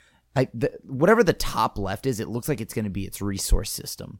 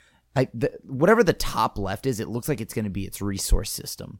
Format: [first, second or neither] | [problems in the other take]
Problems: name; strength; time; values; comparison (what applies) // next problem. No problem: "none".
neither | none